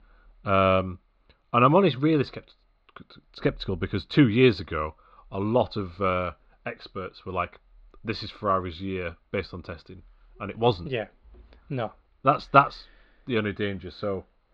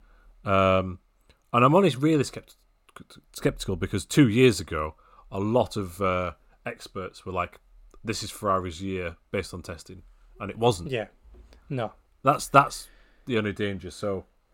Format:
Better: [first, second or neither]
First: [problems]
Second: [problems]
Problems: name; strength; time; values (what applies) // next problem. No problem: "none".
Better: second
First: muffled; very slightly; fading above 4 kHz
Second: none